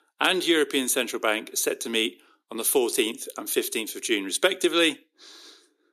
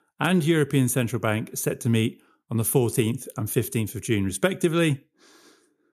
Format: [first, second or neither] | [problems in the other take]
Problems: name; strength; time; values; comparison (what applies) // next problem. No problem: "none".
second | thin; somewhat; fading below 300 Hz